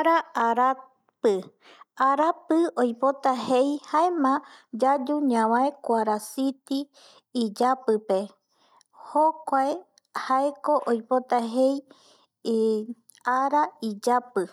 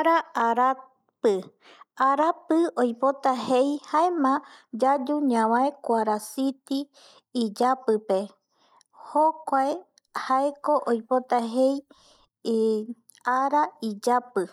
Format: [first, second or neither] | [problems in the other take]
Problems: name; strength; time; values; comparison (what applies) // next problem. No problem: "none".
first | noise reduction (neural mask model Resemble Enhance denoiser)